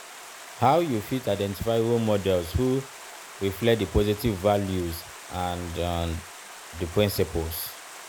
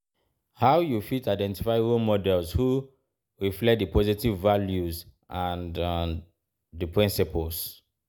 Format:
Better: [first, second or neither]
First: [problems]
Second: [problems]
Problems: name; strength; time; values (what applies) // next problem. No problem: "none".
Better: second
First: background sound (Stream); 16 dB below the speech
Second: none